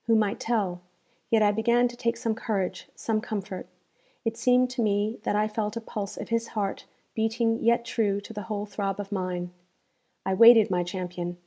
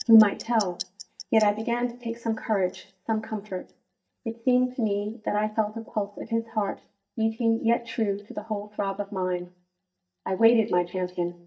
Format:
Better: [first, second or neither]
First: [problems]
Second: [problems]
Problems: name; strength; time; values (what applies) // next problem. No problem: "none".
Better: first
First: none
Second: noise reduction (neural mask model DeepFilterNet 3)